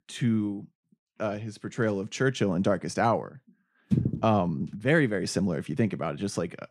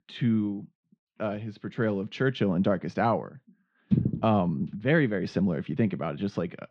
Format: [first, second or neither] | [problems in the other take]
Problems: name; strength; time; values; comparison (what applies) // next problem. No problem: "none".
first | muffled; slightly; fading above 4 kHz